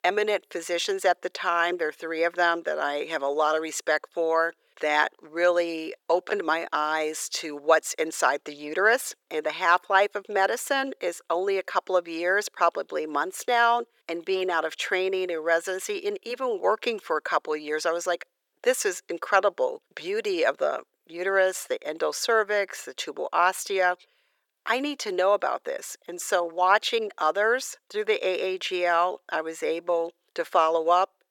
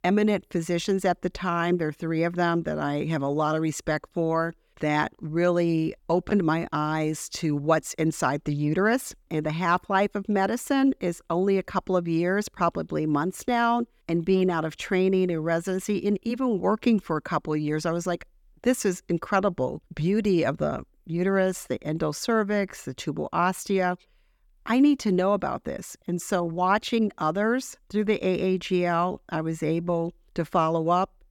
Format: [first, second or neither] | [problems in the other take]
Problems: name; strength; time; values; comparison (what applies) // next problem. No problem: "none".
second | thin; very; fading below 450 Hz